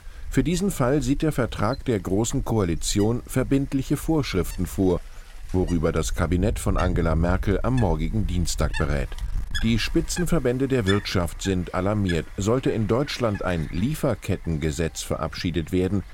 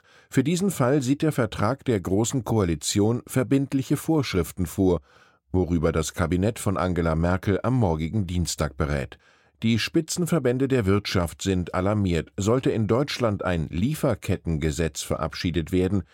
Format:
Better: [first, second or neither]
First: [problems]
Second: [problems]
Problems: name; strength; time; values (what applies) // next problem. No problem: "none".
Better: second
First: wind noise on the microphone; occasional gusts; 10 dB below the speech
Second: none